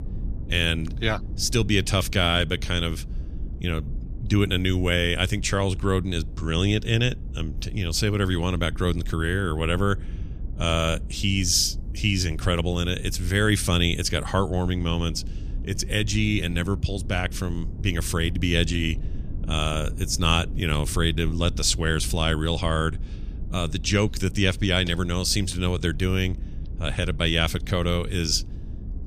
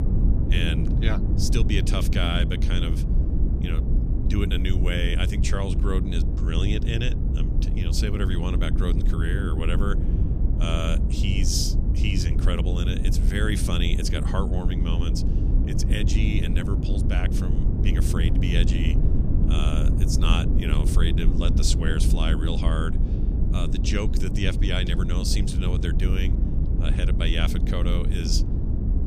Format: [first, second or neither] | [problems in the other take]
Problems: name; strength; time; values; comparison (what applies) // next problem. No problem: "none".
first | low rumble; loud; throughout; 6 dB below the speech; faint in the first